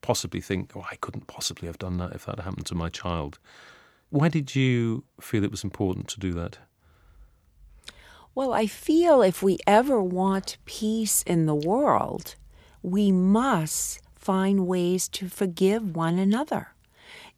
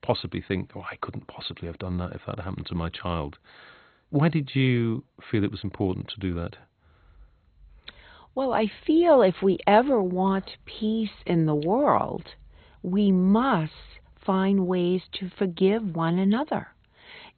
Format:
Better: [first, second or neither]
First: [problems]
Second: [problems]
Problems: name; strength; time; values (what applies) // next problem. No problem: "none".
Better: first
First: none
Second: garbled, watery; badly; nothing above 4 kHz